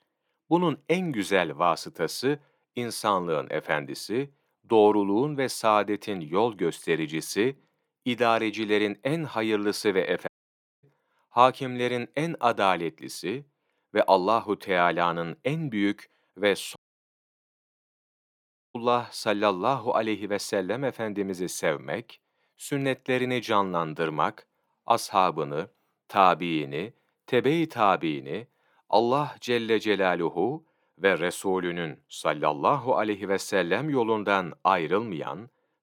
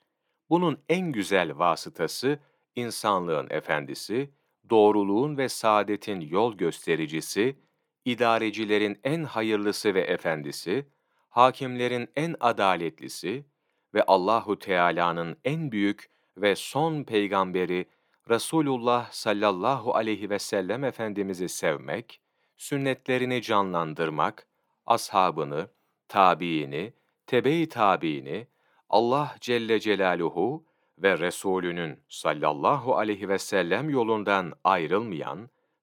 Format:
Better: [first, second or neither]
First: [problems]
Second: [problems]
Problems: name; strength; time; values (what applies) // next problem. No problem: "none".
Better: second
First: audio cutting out; at 10 s for 0.5 s and at 17 s for 2 s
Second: none